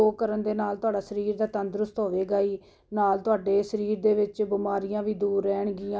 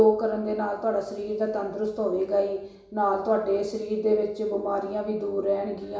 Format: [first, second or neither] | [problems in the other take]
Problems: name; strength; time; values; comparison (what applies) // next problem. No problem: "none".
first | room echo; dies away in 0.7 s